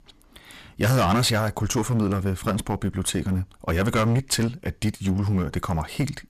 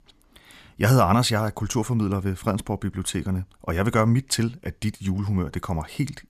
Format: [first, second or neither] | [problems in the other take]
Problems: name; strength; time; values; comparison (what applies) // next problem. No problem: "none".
second | distortion; heavy; 12% of the sound clipped